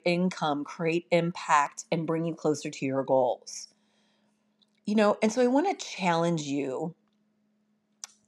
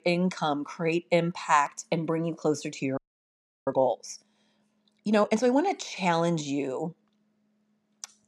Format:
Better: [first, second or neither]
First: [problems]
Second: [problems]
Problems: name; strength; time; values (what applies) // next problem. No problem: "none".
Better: first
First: none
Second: audio freezing; at 3 s for 0.5 s